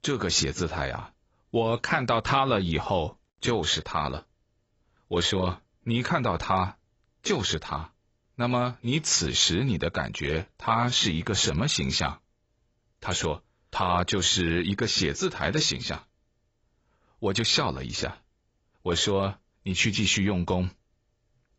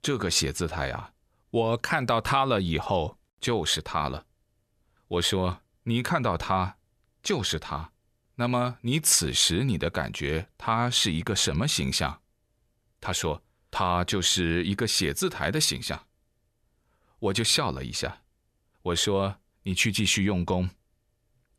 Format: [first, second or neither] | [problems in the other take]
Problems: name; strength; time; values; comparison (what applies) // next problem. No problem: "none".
second | garbled, watery; badly; nothing above 7.5 kHz